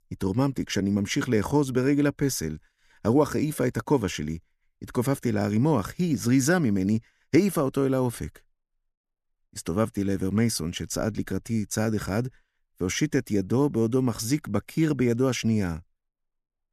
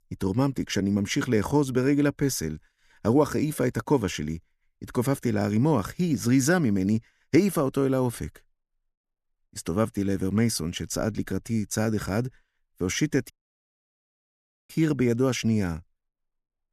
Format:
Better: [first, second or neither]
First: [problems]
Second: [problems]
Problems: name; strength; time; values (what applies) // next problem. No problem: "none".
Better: first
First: none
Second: audio cutting out; at 13 s for 1.5 s